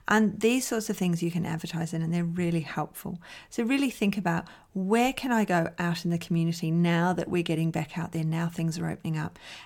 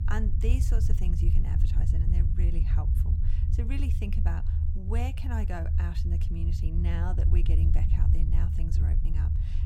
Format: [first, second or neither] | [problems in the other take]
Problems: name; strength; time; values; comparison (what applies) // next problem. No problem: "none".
first | low rumble; loud; throughout; 2 dB below the speech